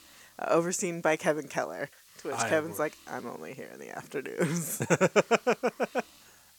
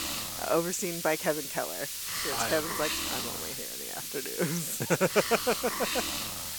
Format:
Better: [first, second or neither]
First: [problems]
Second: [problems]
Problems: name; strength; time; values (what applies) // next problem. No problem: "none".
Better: first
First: hiss; faint; throughout; 25 dB below the speech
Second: hiss; loud; throughout; 2 dB below the speech